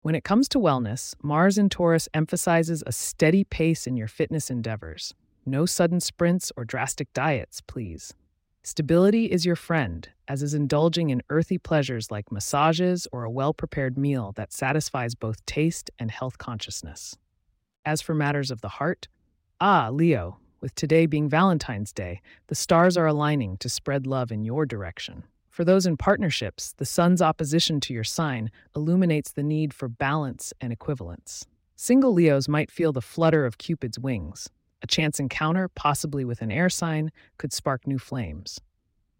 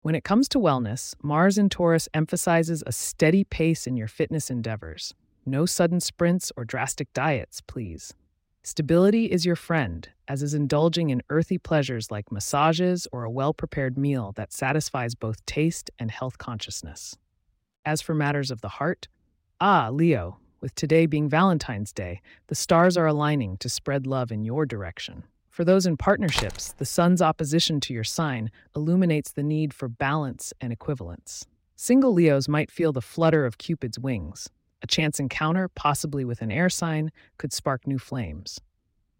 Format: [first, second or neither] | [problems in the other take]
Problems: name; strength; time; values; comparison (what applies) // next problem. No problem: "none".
first | door banging; noticeable; at 26 s; peak 6 dB below the speech